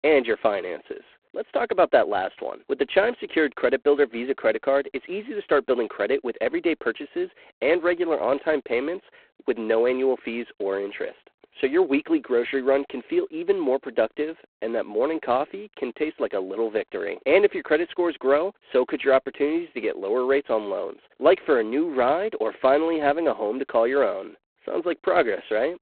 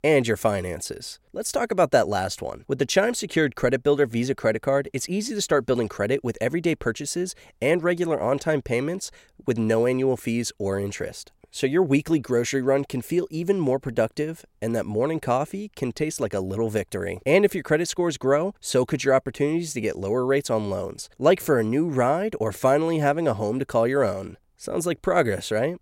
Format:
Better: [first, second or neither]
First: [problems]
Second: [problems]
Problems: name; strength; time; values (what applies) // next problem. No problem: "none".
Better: second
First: phone-call audio; poor line; nothing above 4 kHz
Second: none